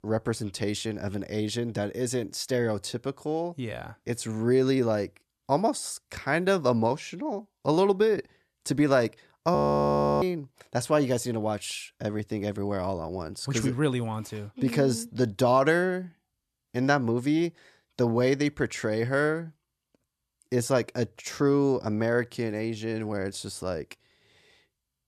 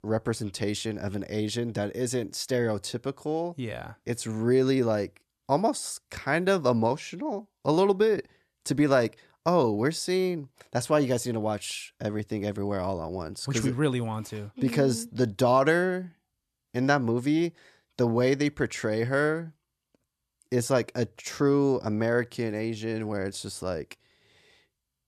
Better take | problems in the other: second | audio freezing; at 9.5 s for 0.5 s

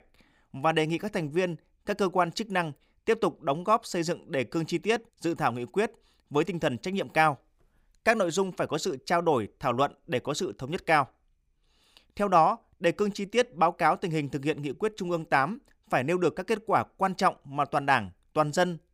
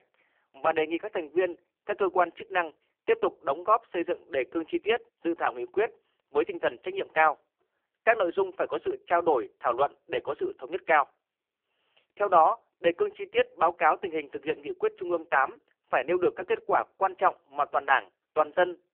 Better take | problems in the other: first | phone-call audio; poor line

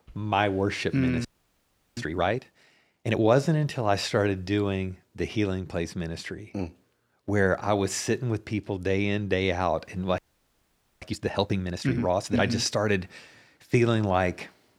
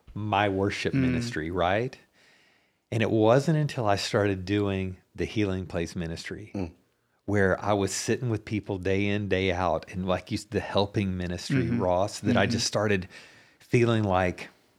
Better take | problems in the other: second | audio freezing; at 1.5 s for 0.5 s and at 10 s for 1 s

